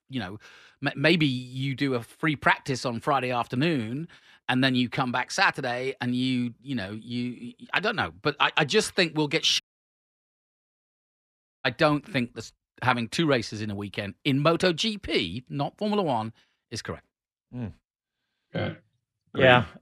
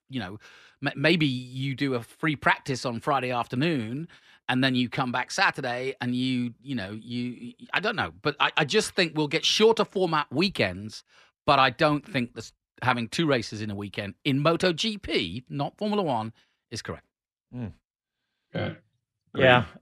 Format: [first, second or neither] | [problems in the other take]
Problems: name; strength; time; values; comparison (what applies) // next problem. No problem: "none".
second | audio cutting out; at 9.5 s for 2 s